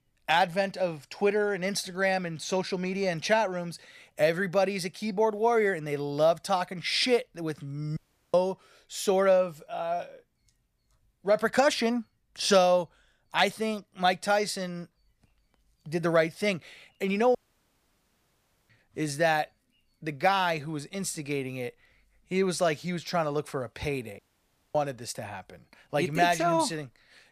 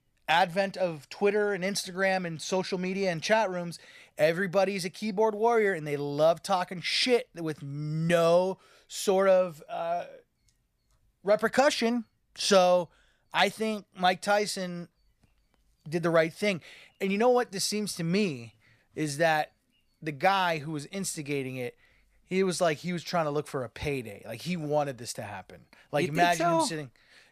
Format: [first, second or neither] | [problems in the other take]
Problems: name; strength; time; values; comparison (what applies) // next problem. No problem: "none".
second | audio cutting out; at 8 s, at 17 s for 1.5 s and at 24 s for 0.5 s